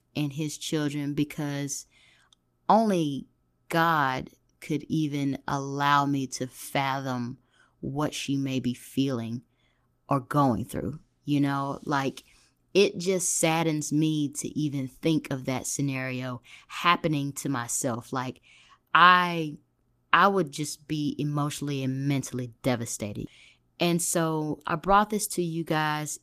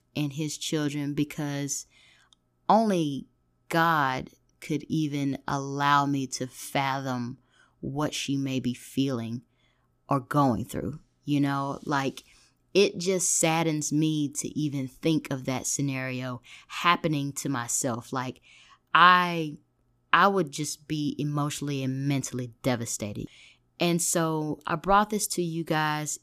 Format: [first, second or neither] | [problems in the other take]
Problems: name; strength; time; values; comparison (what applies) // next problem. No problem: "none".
second | garbled, watery; slightly; nothing above 14.5 kHz